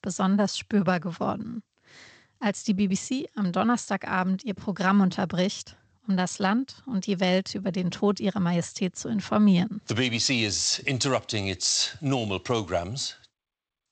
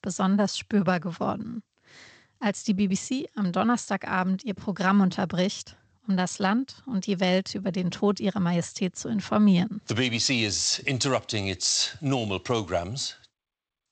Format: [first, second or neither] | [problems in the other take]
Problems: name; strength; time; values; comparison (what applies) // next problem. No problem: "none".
neither | garbled, watery; slightly; nothing above 8 kHz; the same in both